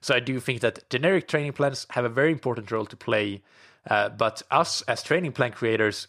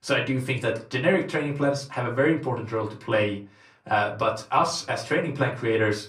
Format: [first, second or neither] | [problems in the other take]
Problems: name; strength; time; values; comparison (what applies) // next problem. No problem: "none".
first | off-mic speech; far // room echo; very slight; dies away in 0.3 s